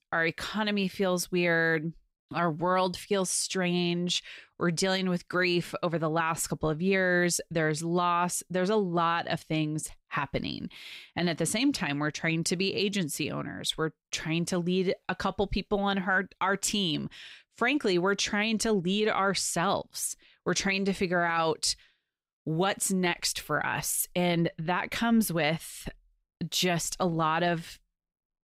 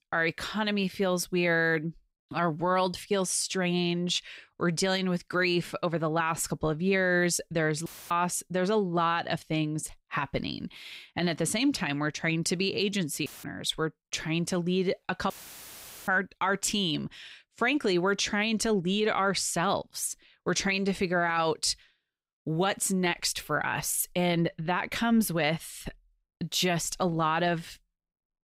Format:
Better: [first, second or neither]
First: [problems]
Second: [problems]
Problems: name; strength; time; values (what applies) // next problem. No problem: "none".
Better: first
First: none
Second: audio cutting out; filled with static; at 8 s, at 13 s and at 15 s for 1 s